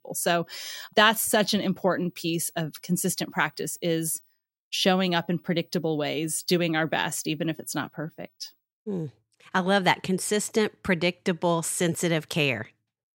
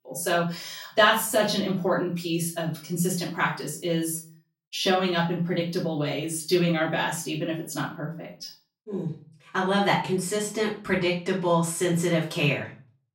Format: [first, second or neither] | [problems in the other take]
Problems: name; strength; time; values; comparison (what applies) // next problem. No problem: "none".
first | off-mic speech; far // room echo; slight; dies away in 0.3 s